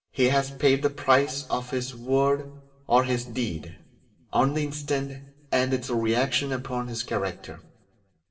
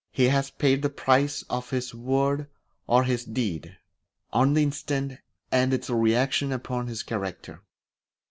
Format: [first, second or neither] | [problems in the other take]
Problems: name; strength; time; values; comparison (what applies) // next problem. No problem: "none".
second | room echo; dies away in 0.8 s